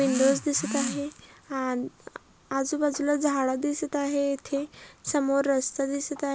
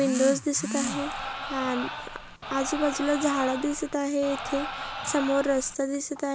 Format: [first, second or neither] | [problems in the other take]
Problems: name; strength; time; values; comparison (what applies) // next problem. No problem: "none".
first | background sound (Crowd); 8 dB below the speech